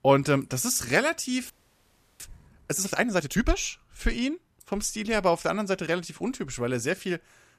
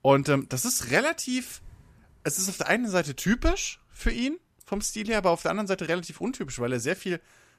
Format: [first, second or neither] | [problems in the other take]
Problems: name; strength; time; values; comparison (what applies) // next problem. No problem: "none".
second | audio freezing; at 1.5 s for 0.5 s